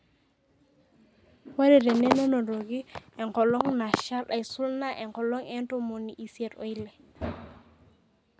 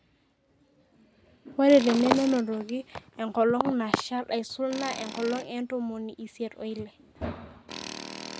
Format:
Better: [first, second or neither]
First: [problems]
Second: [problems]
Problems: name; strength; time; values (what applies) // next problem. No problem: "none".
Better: first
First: none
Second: background sound (Tools); 16 dB below the speech